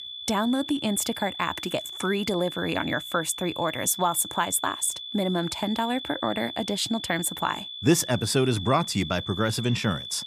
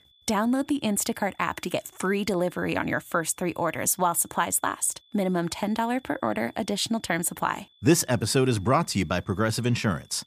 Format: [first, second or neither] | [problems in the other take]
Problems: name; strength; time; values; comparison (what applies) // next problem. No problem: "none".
second | high-pitched whine; loud; throughout; 3.5 kHz, 9 dB below the speech; faint in the second